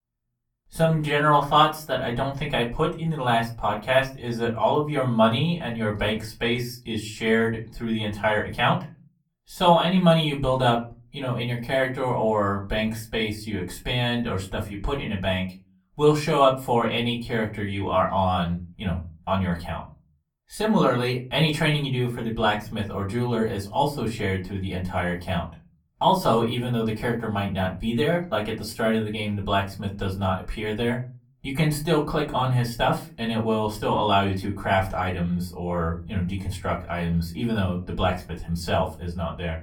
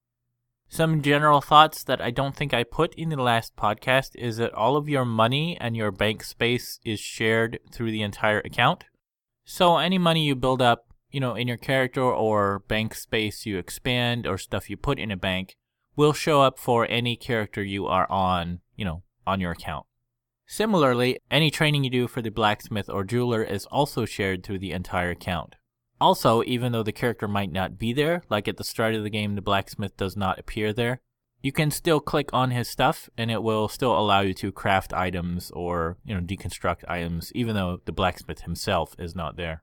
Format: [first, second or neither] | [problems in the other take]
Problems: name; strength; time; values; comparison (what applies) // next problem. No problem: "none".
second | off-mic speech; far // room echo; very slight; dies away in 0.3 s